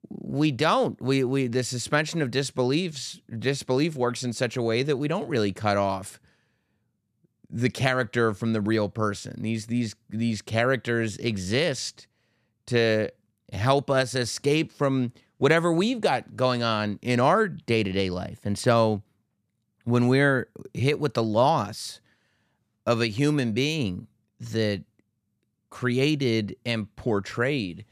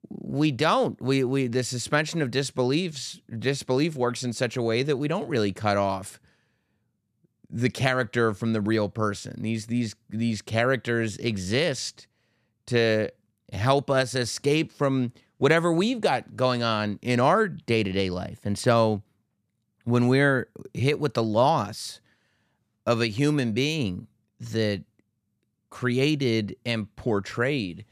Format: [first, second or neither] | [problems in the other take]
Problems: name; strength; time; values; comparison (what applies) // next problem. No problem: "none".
neither | none